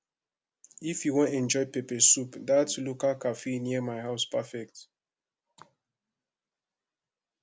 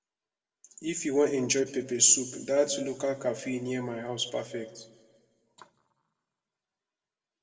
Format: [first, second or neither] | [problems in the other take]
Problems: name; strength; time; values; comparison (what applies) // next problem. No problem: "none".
first | room echo; dies away in 1.1 s